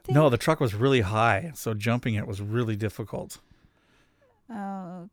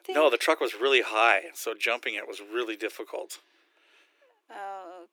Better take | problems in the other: first | thin; very; fading below 350 Hz

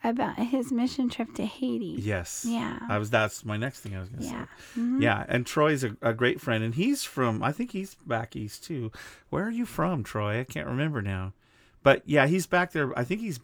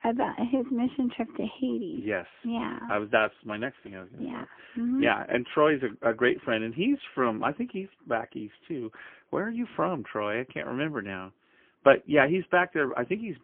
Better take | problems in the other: first | phone-call audio; poor line; nothing above 3 kHz

